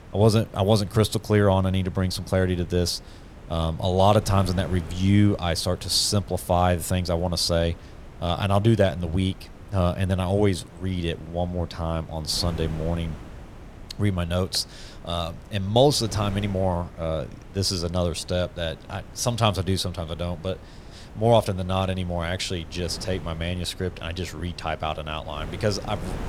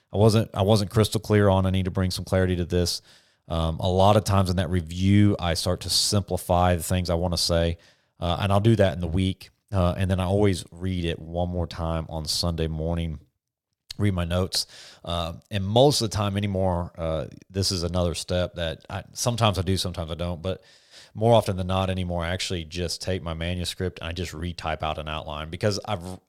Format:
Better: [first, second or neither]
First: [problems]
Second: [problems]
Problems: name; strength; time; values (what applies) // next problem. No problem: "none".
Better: second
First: wind noise on the microphone; occasional gusts; 20 dB below the speech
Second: none